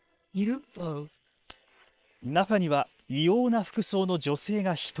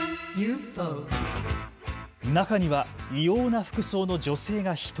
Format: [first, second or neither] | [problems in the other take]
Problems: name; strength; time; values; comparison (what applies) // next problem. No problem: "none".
second | noise reduction (neural separator model SepFormer WHAM!)